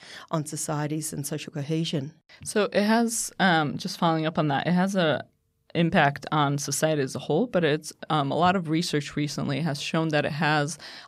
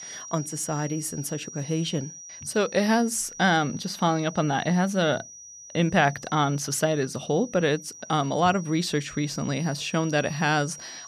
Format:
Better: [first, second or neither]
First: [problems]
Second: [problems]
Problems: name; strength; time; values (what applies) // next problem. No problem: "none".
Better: first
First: none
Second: high-pitched whine; noticeable; throughout; 5.5 kHz, 15 dB below the speech